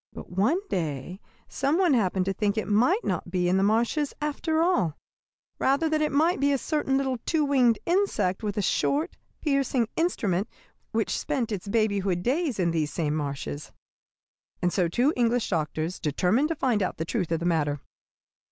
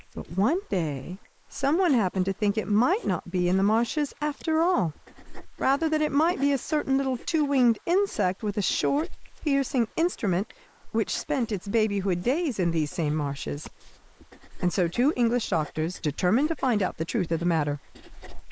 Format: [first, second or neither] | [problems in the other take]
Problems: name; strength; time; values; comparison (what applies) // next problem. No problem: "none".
first | noise reduction (neural mask model Resemble Enhance denoiser)